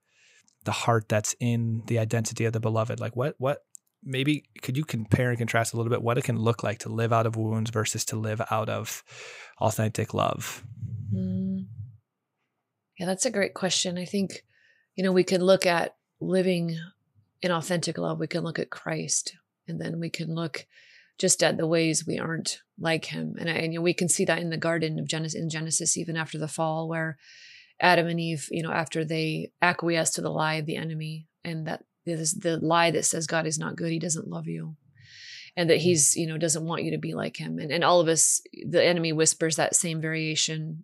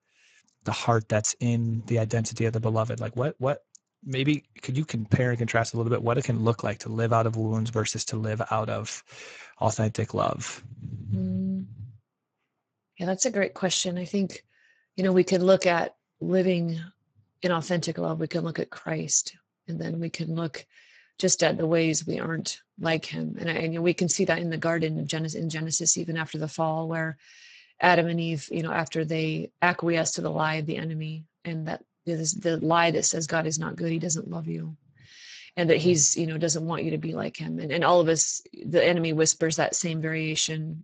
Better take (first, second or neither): first